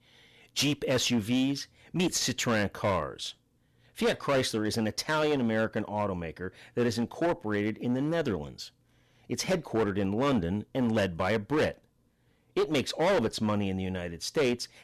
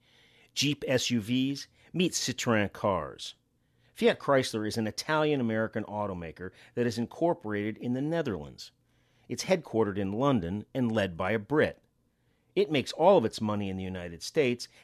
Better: second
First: distortion; heavy; 10% of the sound clipped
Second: none

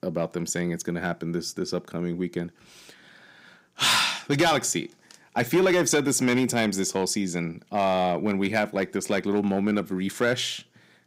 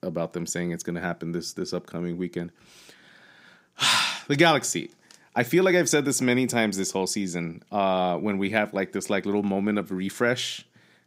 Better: second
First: distortion; slight; 3% of the sound clipped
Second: none

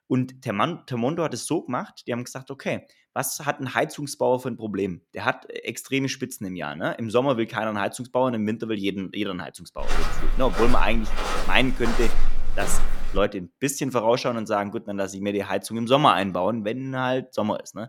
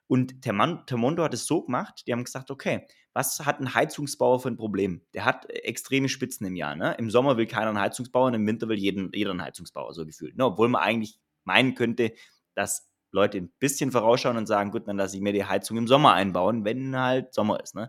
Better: second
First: footsteps; noticeable; from 10 to 13 s; peak 3 dB below the speech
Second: none

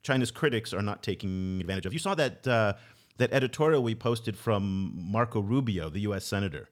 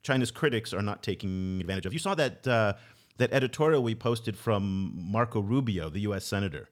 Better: neither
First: audio freezing; at 1.5 s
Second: audio freezing; at 1.5 s

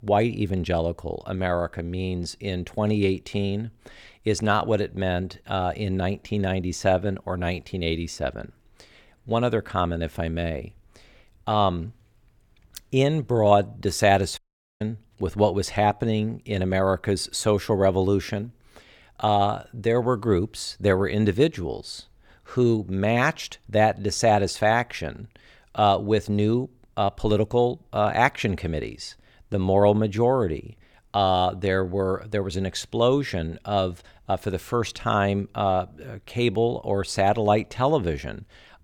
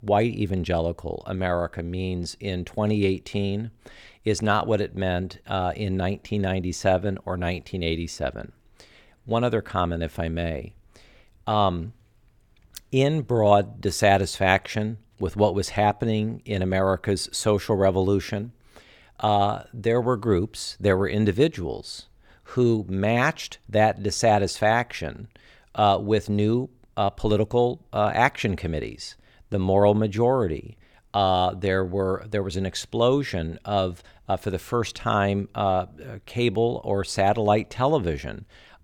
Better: second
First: audio cutting out; at 14 s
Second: none

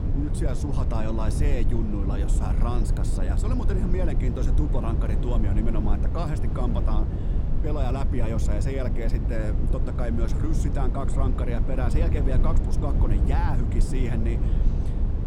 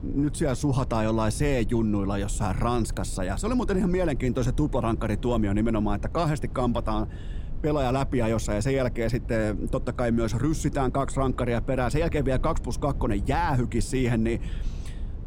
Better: second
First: low rumble; loud; throughout; 4 dB below the speech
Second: low rumble; faint; throughout; 20 dB below the speech

